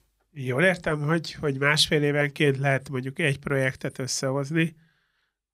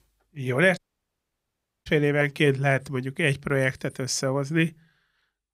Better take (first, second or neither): first